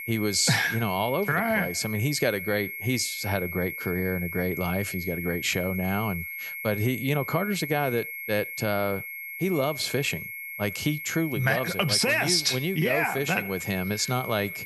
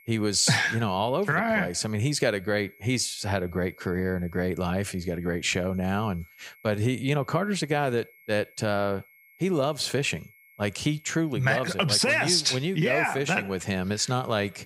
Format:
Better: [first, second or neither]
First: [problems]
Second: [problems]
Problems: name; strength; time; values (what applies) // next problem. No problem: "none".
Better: second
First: high-pitched whine; loud; throughout; 2 kHz, 7 dB below the speech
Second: high-pitched whine; faint; throughout; 2 kHz, 25 dB below the speech